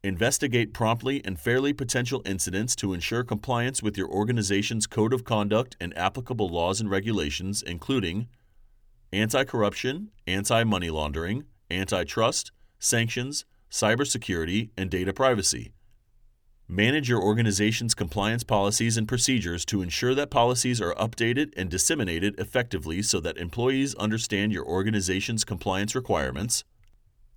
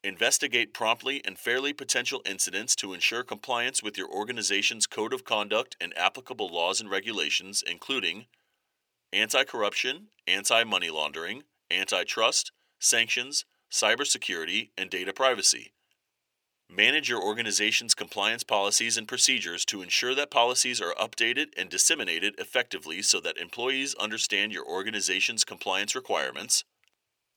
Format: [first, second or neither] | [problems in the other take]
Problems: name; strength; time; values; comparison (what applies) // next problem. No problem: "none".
first | thin; somewhat; fading below 450 Hz